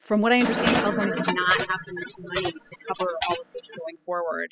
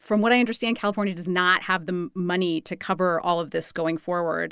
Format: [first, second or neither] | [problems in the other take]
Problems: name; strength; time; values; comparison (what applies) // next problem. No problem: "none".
second | noise reduction (classical method spectral subtraction)